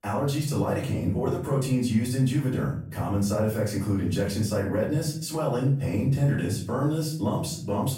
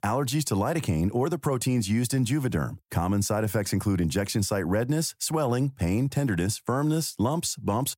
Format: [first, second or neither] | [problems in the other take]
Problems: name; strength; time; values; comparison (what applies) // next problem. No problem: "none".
second | off-mic speech; far // room echo; slight; dies away in 0.5 s